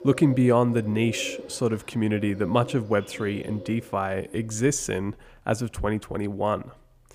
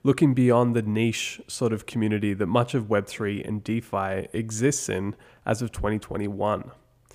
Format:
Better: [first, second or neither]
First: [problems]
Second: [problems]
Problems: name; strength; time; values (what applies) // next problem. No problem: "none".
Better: second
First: animal sounds; noticeable; throughout; 15 dB below the speech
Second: none